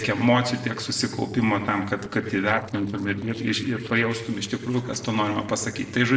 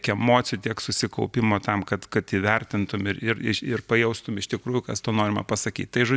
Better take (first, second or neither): second